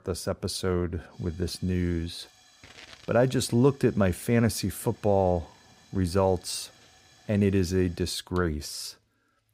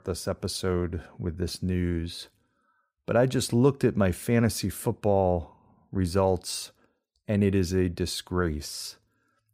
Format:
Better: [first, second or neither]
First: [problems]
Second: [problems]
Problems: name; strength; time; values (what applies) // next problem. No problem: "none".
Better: second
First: hiss; faint; throughout; 25 dB below the speech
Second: none